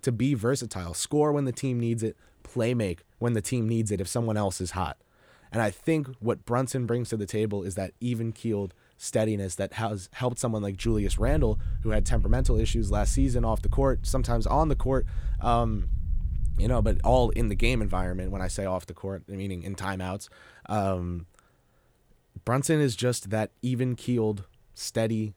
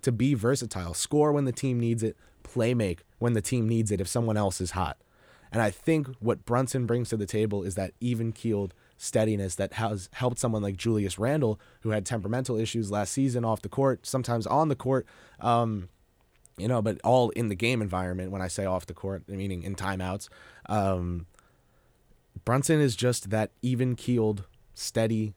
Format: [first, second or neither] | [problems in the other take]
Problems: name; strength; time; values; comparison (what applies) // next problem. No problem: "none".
second | low rumble; faint; from 11 to 19 s; 20 dB below the speech